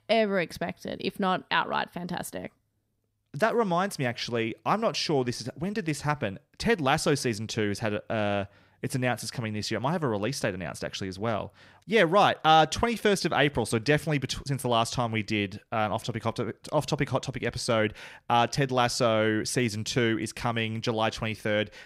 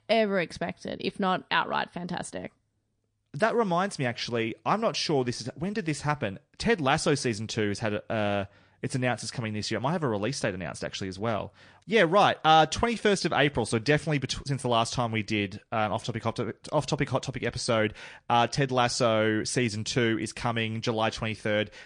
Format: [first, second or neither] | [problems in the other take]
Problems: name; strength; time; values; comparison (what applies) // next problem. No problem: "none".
first | garbled, watery; slightly; nothing above 9 kHz